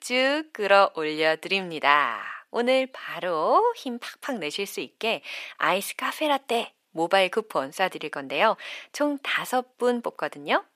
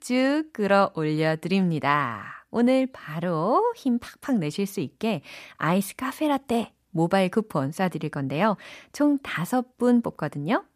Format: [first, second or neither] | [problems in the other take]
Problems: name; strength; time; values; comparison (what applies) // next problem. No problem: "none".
second | thin; somewhat; fading below 500 Hz